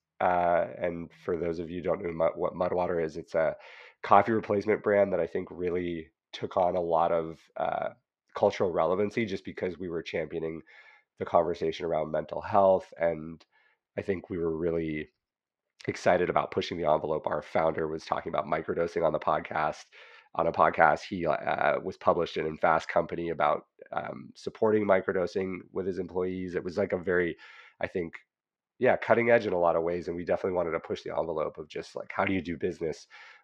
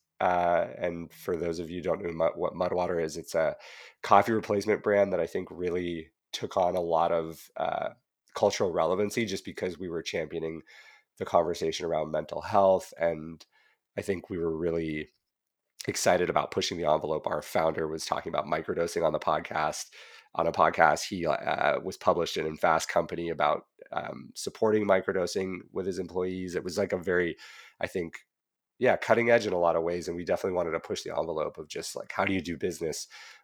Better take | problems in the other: second | muffled; slightly; fading above 3 kHz

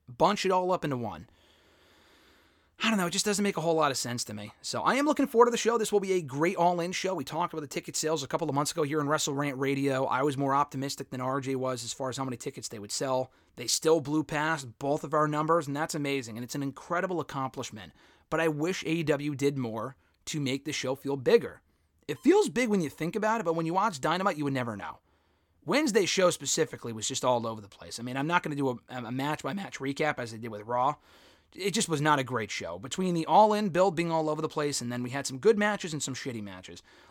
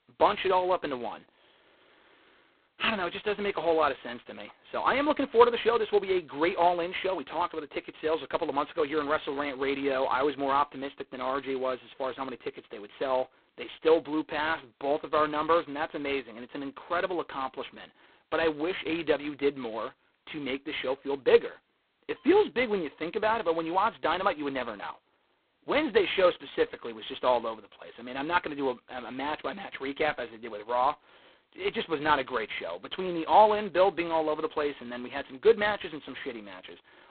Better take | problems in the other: first | phone-call audio; poor line; nothing above 4 kHz

